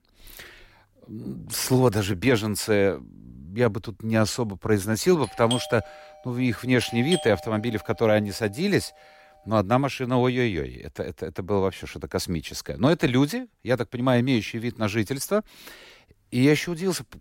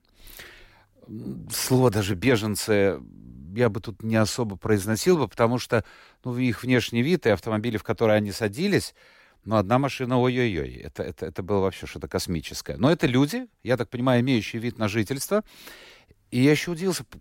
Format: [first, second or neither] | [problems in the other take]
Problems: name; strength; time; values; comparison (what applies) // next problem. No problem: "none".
second | doorbell; noticeable; from 5 to 7.5 s; peak 7 dB below the speech